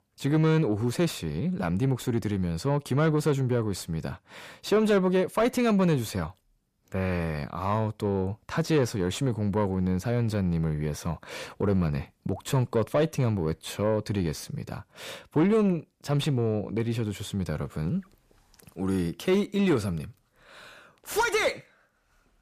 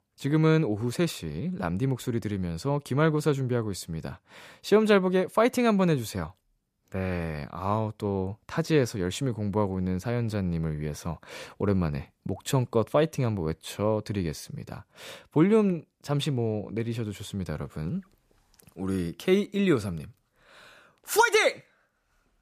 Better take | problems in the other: second | distortion; slight; 10 dB below the speech

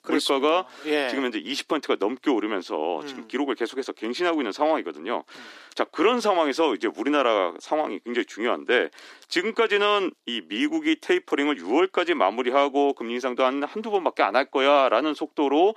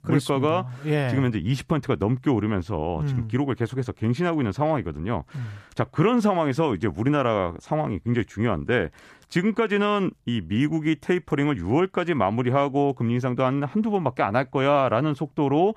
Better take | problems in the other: second | thin; somewhat; fading below 300 Hz

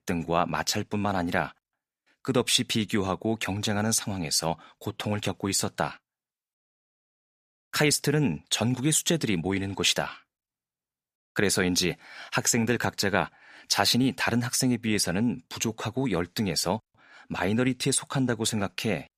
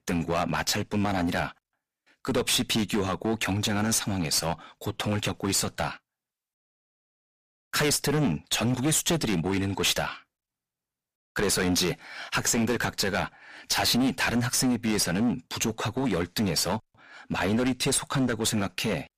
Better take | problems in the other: first | distortion; heavy; 11% of the sound clipped

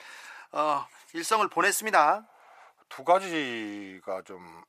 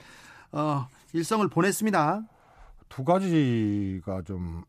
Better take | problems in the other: second | thin; very; fading below 700 Hz

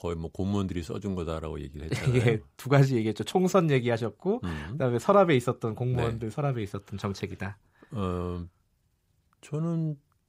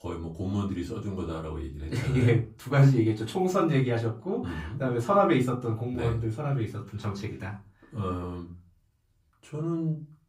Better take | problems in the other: first | off-mic speech; far // room echo; very slight; dies away in 0.3 s

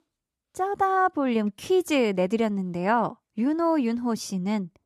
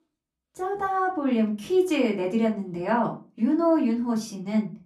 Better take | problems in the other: first | off-mic speech; far // room echo; very slight; dies away in 0.3 s

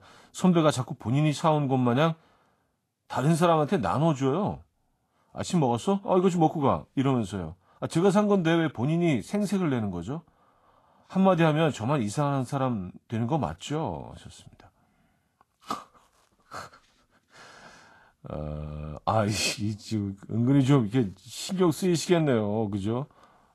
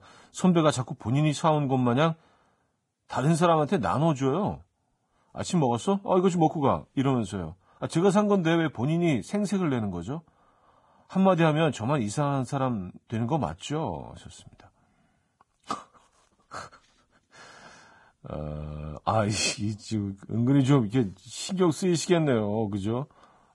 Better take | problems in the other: first | garbled, watery; badly; nothing above 10.5 kHz; slightly in the first

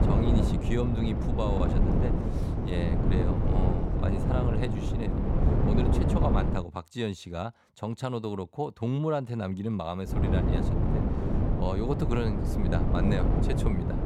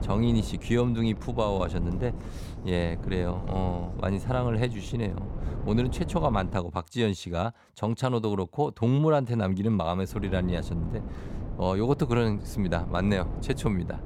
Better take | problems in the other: second | wind noise on the microphone; heavy; until 6.5 s and from 10 s on; as loud as the speech; occasional gusts in the second

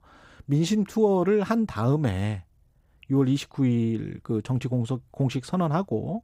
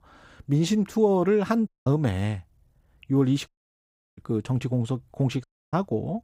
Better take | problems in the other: first | audio cutting out; at 1.5 s, at 3.5 s for 0.5 s and at 5.5 s

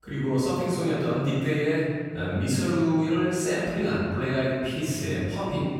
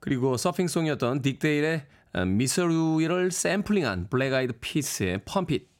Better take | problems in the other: second | off-mic speech; far // room echo; strong; dies away in 1.9 s

